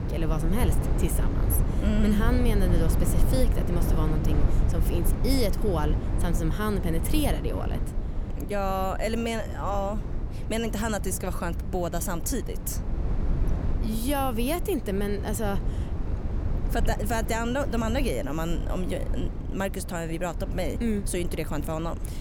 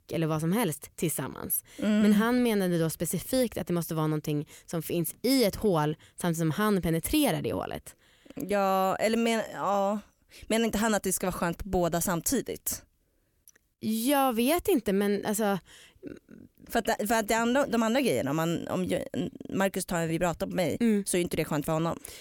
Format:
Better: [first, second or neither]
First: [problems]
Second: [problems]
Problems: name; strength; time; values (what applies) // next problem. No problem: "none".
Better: second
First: low rumble; loud; throughout; 9 dB below the speech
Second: none